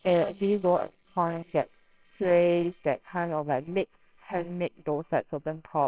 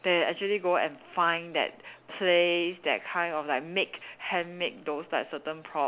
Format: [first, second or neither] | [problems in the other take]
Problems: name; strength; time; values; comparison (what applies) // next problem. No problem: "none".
second | noise reduction (neural separator model SepFormer WHAMR!)